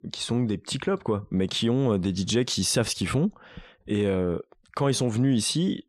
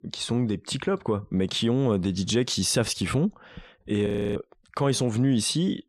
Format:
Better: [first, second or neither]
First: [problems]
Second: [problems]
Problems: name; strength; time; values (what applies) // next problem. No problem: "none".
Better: first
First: none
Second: audio freezing; at 4 s